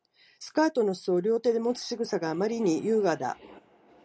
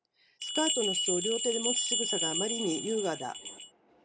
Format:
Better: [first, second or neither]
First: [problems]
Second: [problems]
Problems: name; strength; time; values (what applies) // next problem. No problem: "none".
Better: first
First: none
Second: background sound (Bell); 2 dB above the speech